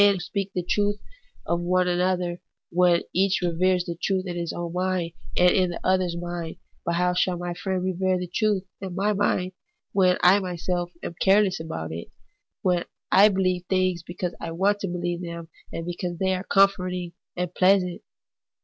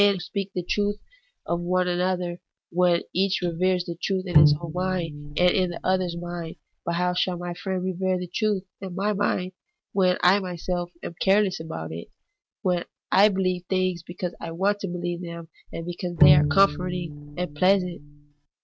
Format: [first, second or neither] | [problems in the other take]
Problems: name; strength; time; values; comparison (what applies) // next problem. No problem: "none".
first | noise reduction (neural mask model RNNoise)